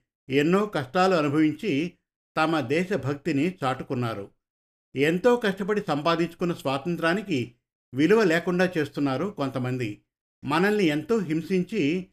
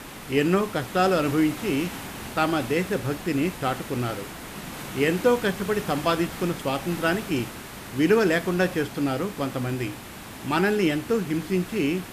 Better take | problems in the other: first | hiss; noticeable; throughout; 10 dB below the speech

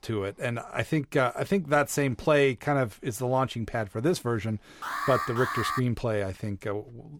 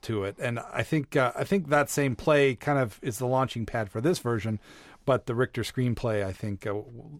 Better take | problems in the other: second | alarm; noticeable; at 5 s; peak 2 dB below the speech

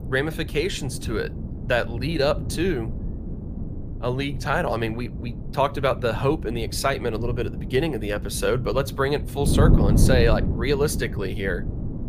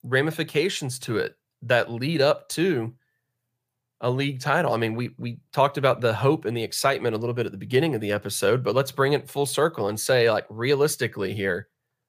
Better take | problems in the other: second | wind noise on the microphone; occasional gusts; 10 dB below the speech

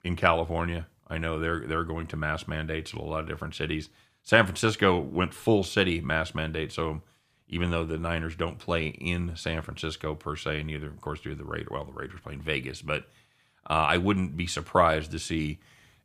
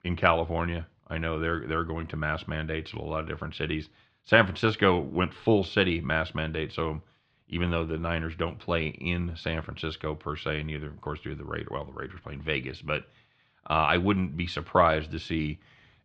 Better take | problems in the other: first | muffled; very slightly; fading above 4 kHz

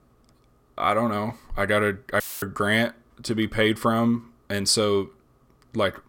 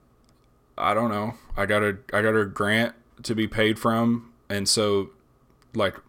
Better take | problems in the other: second | audio cutting out; filled with static; at 2 s

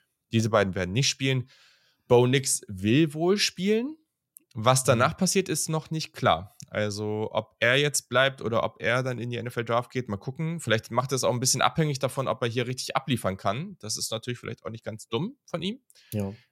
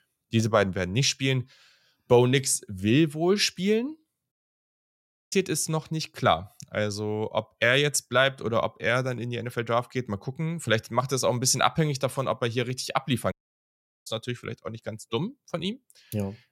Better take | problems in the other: first | audio cutting out; at 4.5 s for 1 s and at 13 s for 0.5 s

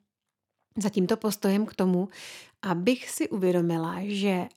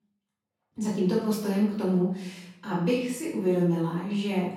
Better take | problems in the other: first | off-mic speech; far // room echo; noticeable; dies away in 0.6 s

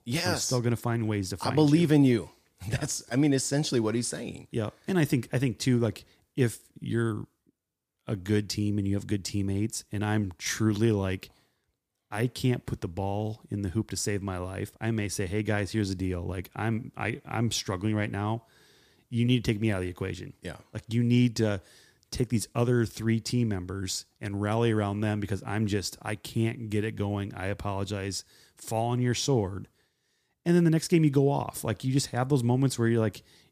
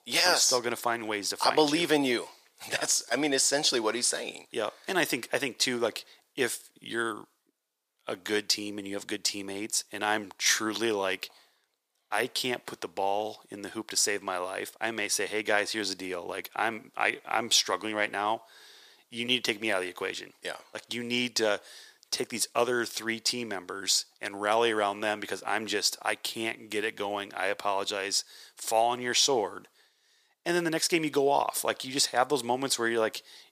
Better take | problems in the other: first | thin; very; fading below 650 Hz

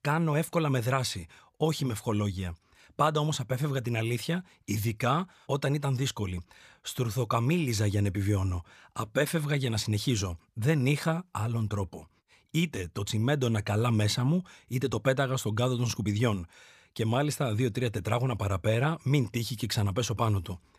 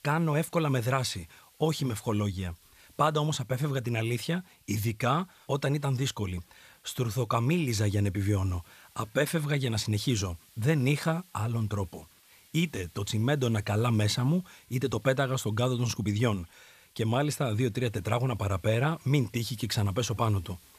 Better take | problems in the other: first | hiss; faint; throughout; 30 dB below the speech

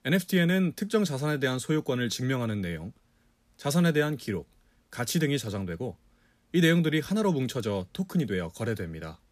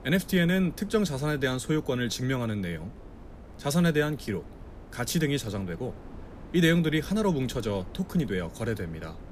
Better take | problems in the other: first | wind noise on the microphone; occasional gusts; 20 dB below the speech

